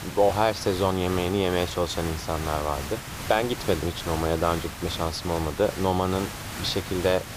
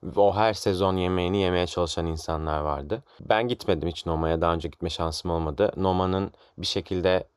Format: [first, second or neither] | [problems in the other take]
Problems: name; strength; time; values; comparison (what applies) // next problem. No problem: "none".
second | hiss; loud; throughout; 9 dB below the speech